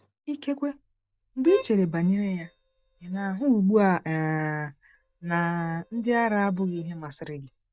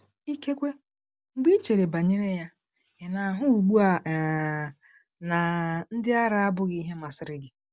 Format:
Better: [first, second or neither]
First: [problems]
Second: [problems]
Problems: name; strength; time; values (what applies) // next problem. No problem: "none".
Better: second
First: noise reduction (neural mask model DeepFilterNet 3)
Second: none